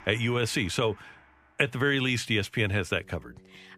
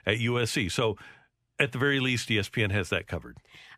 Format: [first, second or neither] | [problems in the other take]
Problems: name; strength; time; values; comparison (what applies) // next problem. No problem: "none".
second | background music; faint; throughout; 30 dB below the speech